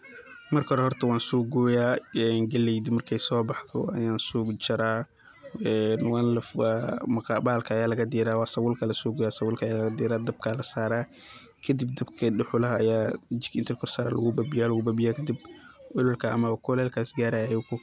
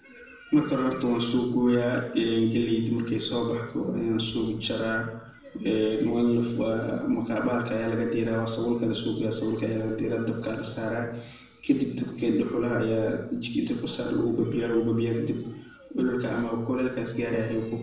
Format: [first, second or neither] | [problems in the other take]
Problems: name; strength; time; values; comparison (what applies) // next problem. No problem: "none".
first | room echo; dies away in 0.7 s